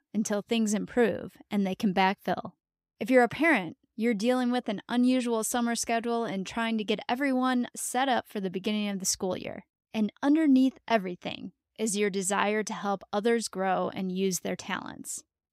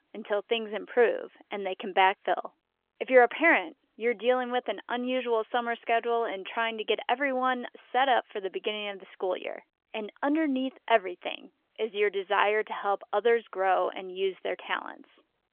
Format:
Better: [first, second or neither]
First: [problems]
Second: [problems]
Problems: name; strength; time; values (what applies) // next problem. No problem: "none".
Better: first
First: none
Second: phone-call audio; nothing above 3.5 kHz